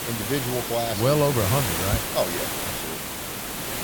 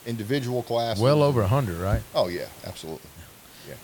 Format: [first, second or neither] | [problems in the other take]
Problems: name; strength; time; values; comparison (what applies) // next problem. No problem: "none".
second | hiss; loud; throughout; 2 dB below the speech; faint in the second